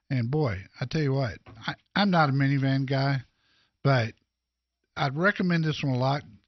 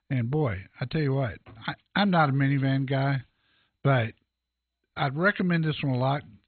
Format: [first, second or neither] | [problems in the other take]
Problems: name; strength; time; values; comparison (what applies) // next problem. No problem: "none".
first | garbled, watery; badly; nothing above 4 kHz; slightly in the first